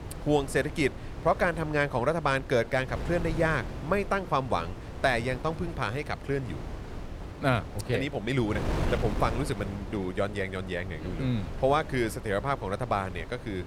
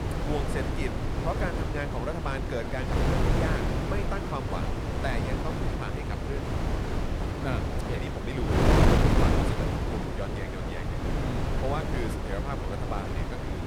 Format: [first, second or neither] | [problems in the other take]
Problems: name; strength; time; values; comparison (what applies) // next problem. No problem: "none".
first | wind noise on the microphone; heavy; 4 dB above the speech; occasional gusts in the first